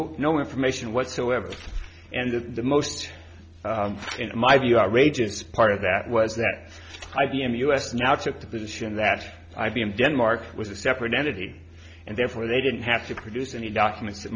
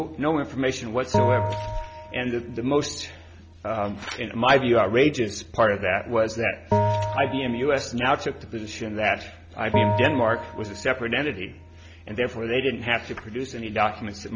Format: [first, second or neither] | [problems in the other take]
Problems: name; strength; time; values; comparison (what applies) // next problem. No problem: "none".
first | background sound (Bell); 3 dB below the speech